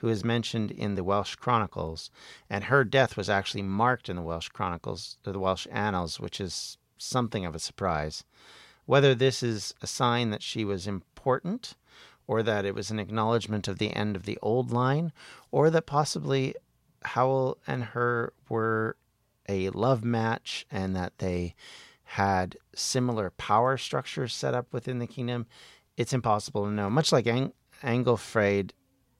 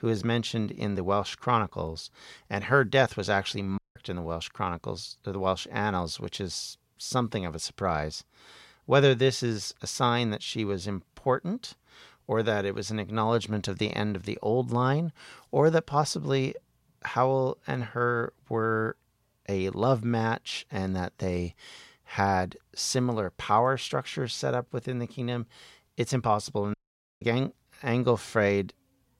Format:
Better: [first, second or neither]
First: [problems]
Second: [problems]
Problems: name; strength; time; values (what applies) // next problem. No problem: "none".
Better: first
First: none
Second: audio cutting out; at 4 s and at 27 s